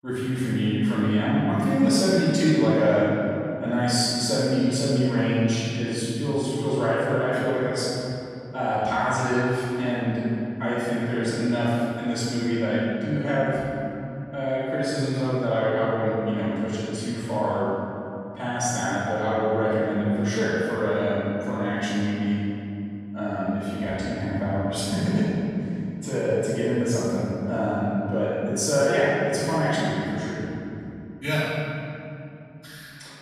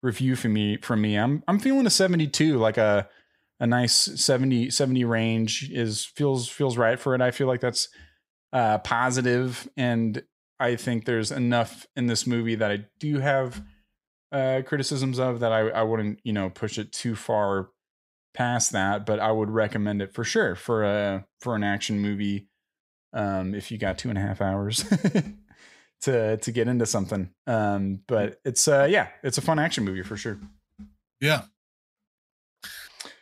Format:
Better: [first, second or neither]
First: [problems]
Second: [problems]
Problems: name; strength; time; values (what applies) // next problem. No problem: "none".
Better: second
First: off-mic speech; far // room echo; strong; dies away in 2.9 s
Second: none